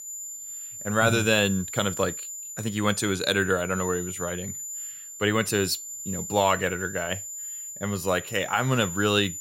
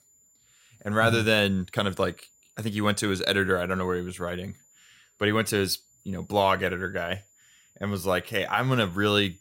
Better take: second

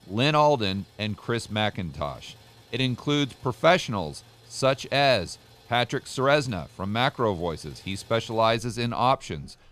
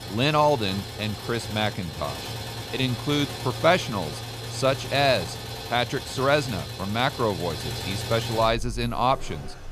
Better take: first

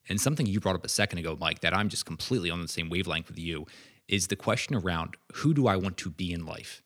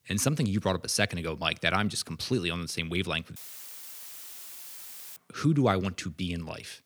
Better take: first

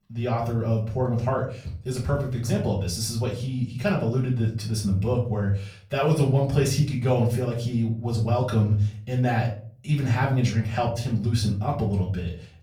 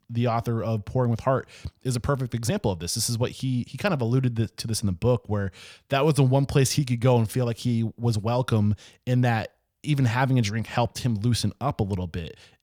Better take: second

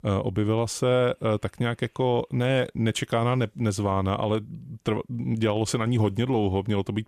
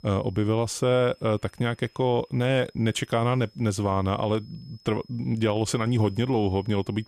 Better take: first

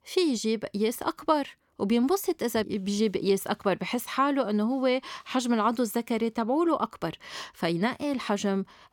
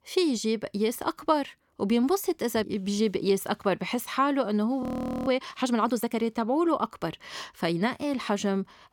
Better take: first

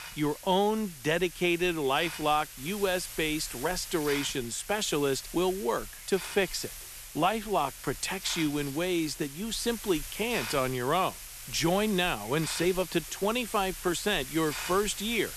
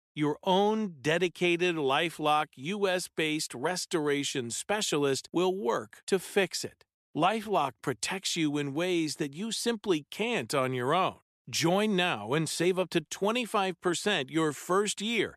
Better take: second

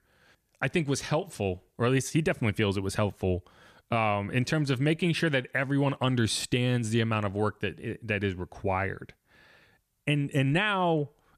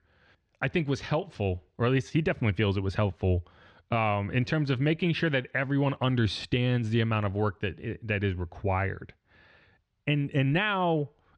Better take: first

